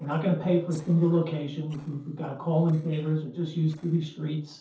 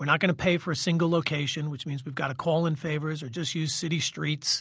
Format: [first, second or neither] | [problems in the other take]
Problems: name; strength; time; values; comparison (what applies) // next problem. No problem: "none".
second | noise reduction (neural separator model SepFormer DNS4)